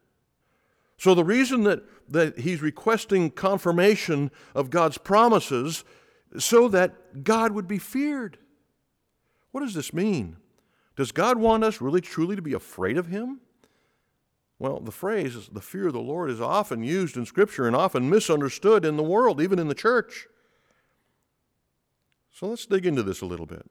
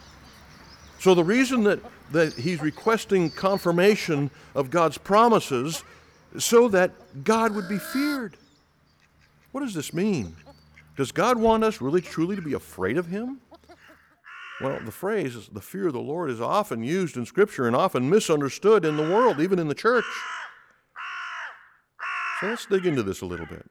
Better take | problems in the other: first | animal sounds; noticeable; throughout; 15 dB below the speech

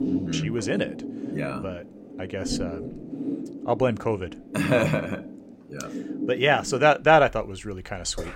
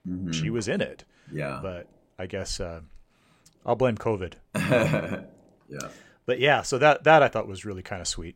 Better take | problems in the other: second | rain or running water; noticeable; throughout; 10 dB below the speech

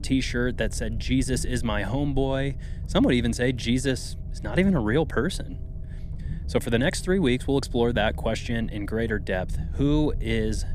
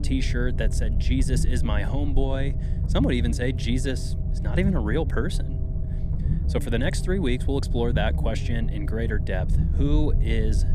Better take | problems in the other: first | low rumble; loud; throughout; 10 dB below the speech; faint in the first

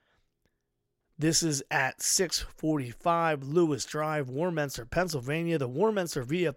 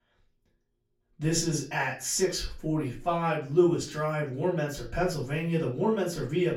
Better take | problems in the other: first | room echo; slight; dies away in 0.3 s // off-mic speech; far

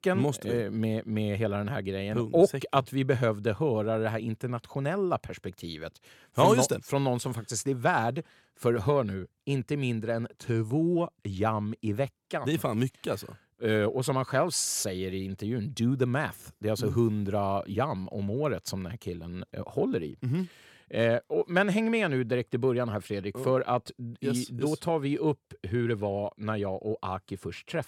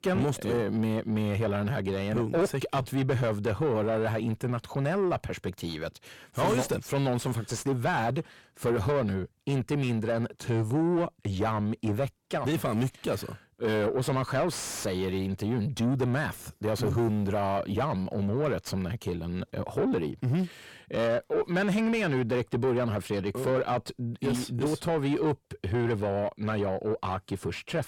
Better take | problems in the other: first | distortion; heavy; 7 dB below the speech

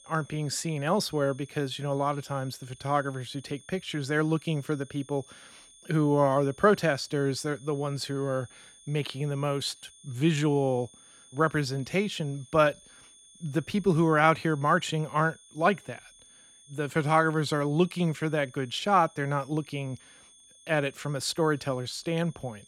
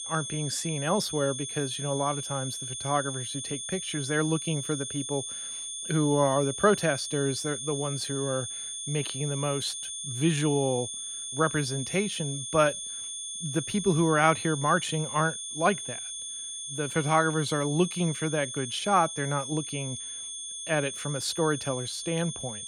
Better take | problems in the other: first | high-pitched whine; loud; throughout; 3.5 kHz, 5 dB below the speech; faint in the first

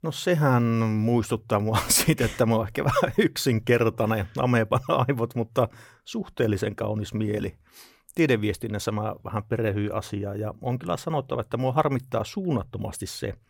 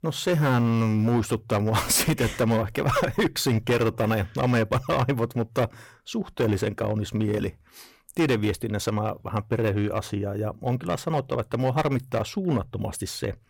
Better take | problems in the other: first | distortion; slight; 8% of the sound clipped

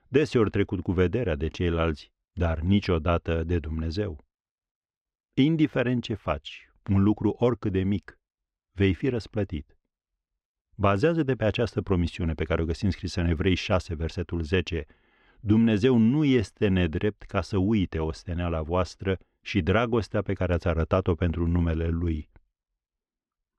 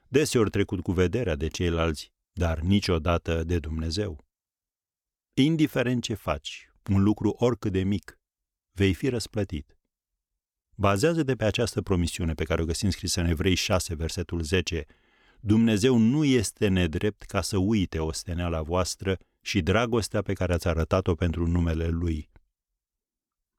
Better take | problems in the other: second | muffled; slightly; fading above 3 kHz

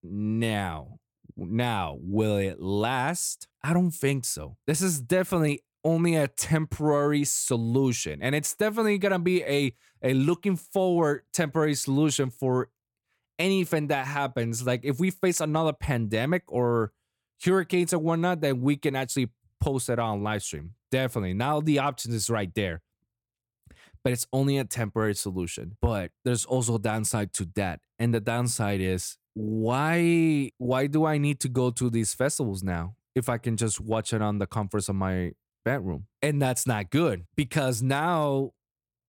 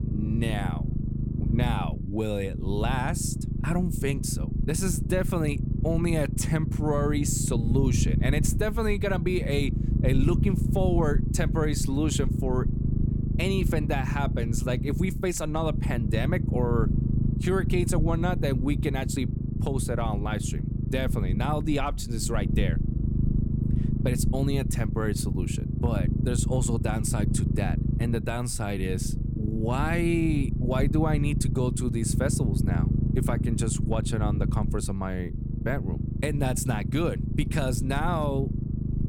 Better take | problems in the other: first | low rumble; loud; throughout; 7 dB below the speech

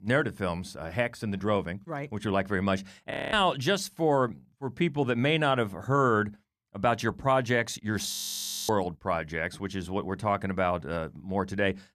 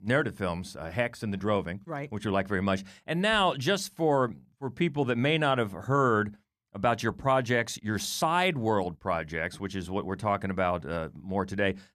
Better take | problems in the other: second | audio freezing; at 3 s and at 8 s for 0.5 s

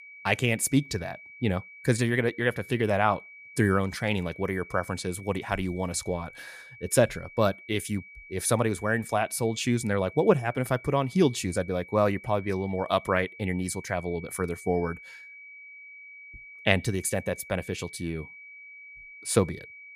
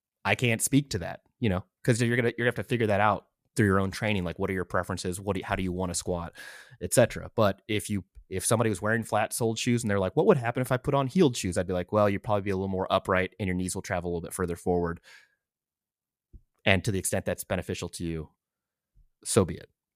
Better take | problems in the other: second | high-pitched whine; noticeable; throughout; 2.5 kHz, 20 dB below the speech

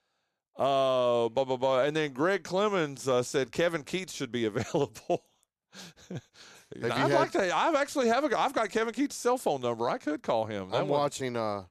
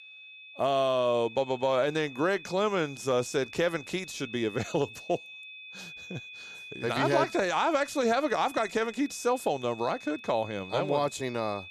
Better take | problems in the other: first | high-pitched whine; noticeable; throughout; 2.5 kHz, 15 dB below the speech

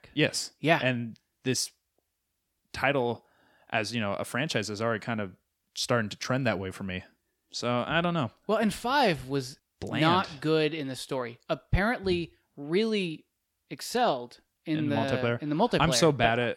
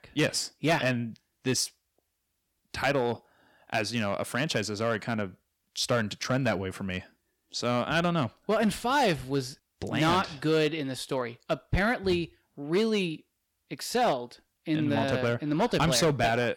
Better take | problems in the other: first | distortion; slight; 4% of the sound clipped

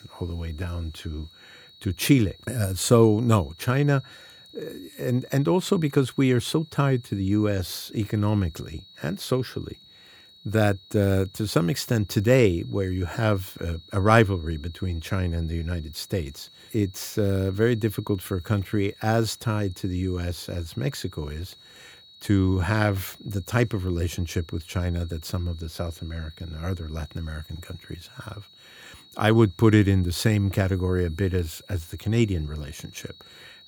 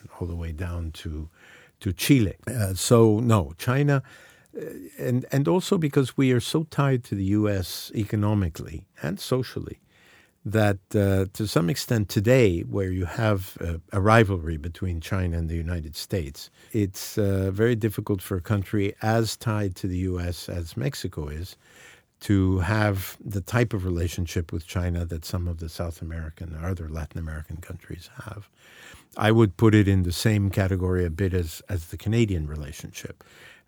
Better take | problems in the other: second | high-pitched whine; faint; throughout; 4 kHz, 25 dB below the speech

